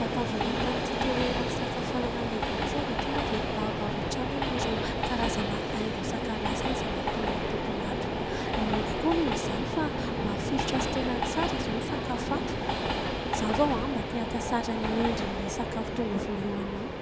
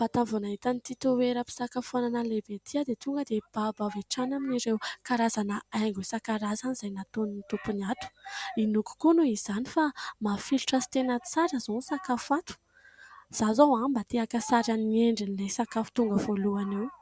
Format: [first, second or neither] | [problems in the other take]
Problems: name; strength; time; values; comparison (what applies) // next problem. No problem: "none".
second | background sound (Train); 3 dB above the speech